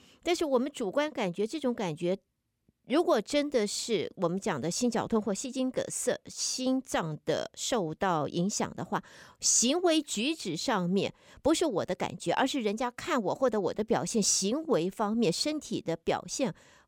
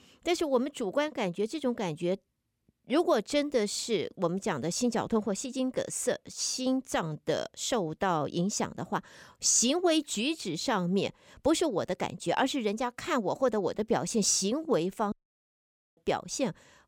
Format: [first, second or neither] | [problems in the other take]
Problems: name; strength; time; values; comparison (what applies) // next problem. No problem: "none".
first | audio cutting out; at 15 s for 1 s